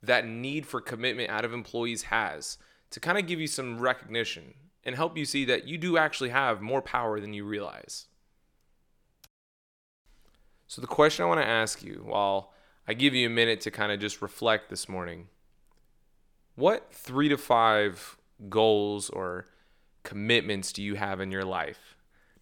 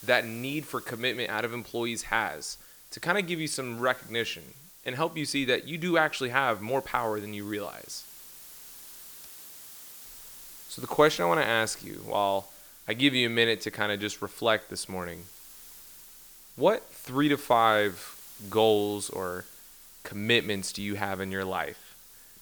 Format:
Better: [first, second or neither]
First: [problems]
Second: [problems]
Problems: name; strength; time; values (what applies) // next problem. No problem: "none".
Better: first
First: none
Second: hiss; noticeable; throughout; 20 dB below the speech